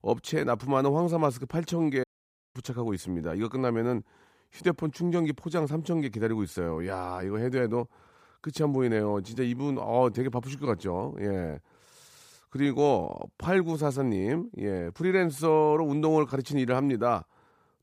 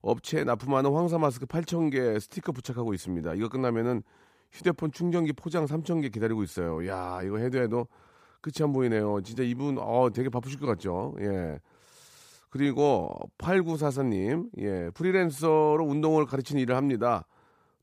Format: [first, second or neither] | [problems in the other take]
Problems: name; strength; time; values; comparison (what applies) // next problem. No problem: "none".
second | audio cutting out; at 2 s for 0.5 s